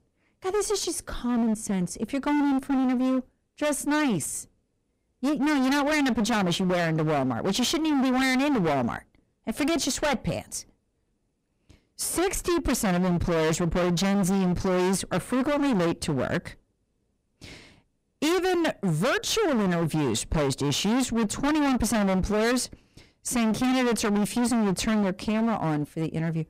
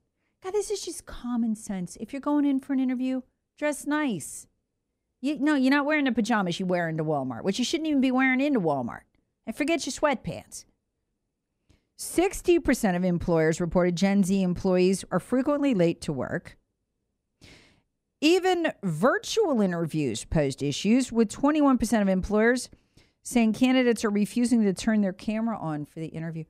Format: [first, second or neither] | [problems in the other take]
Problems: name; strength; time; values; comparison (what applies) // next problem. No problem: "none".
second | distortion; heavy; 33% of the sound clipped